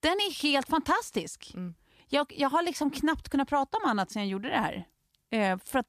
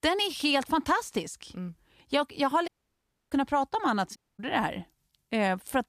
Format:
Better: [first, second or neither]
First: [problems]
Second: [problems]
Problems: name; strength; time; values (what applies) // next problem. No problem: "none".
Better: first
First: none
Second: audio cutting out; at 2.5 s for 0.5 s and at 4 s